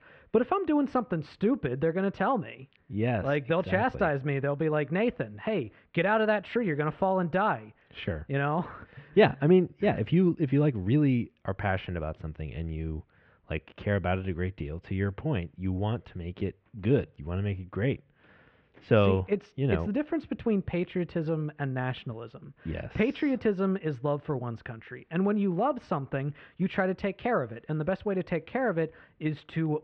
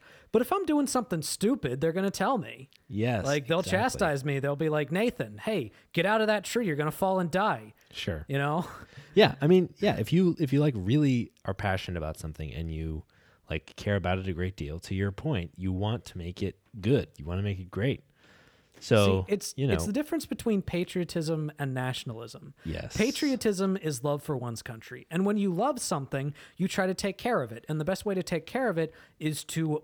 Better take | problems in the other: second | muffled; very; fading above 2.5 kHz

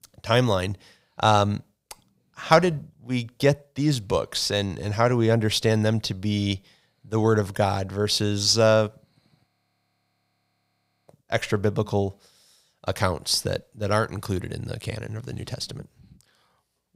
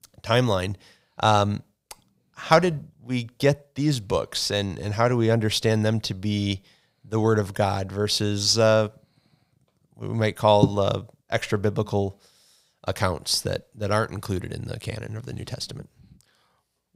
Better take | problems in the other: second | audio freezing; at 9.5 s for 1.5 s

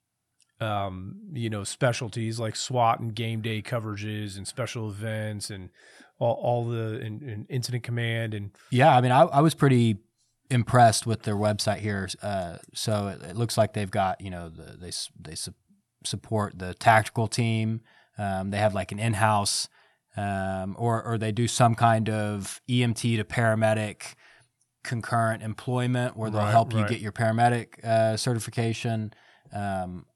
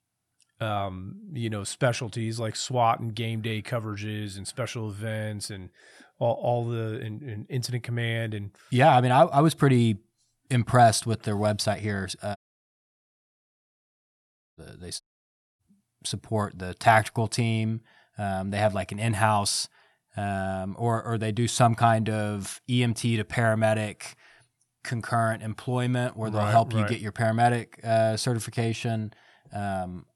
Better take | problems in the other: first | audio cutting out; at 12 s for 2 s and at 15 s for 0.5 s

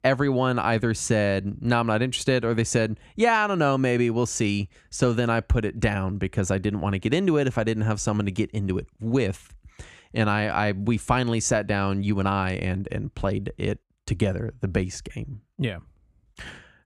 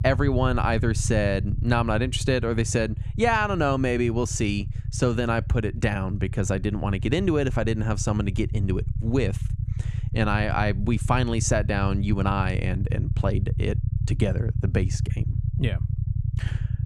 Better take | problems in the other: first | low rumble; noticeable; throughout; 15 dB below the speech

